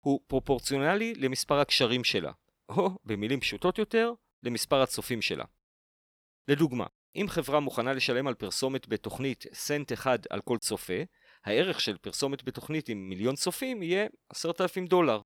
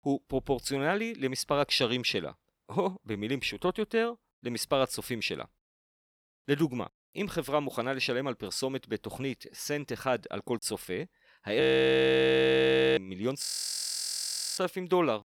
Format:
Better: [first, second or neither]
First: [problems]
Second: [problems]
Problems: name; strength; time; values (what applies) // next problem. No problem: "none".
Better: first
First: none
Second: audio freezing; at 12 s for 1.5 s and at 13 s for 1 s